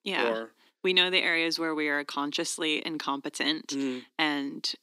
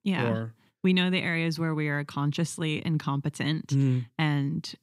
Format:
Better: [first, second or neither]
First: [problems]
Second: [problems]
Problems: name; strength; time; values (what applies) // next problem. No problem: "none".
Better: second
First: thin; somewhat; fading below 300 Hz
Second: none